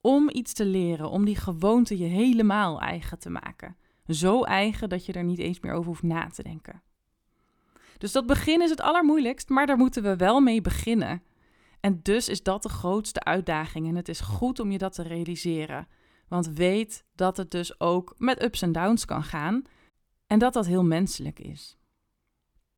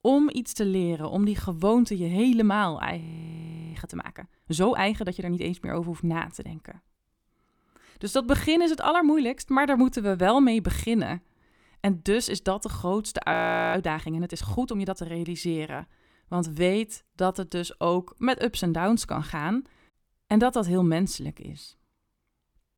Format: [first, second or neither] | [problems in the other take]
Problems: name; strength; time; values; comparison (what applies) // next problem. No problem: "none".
first | audio freezing; at 3 s for 0.5 s and at 13 s